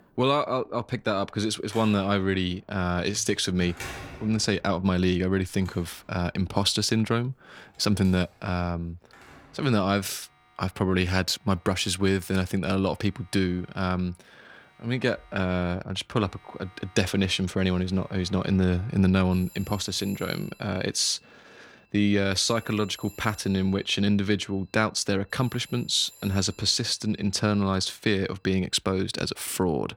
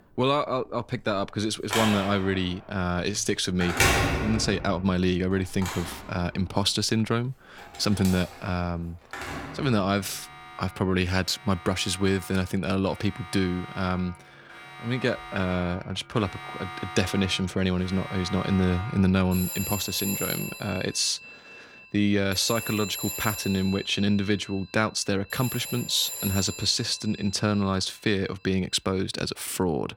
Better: first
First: alarms or sirens; faint; throughout; 25 dB below the speech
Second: alarms or sirens; loud; throughout; 6 dB below the speech

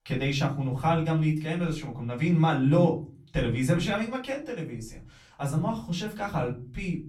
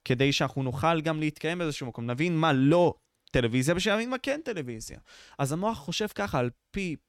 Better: second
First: room echo; slight; dies away in 0.5 s // off-mic speech; far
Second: none

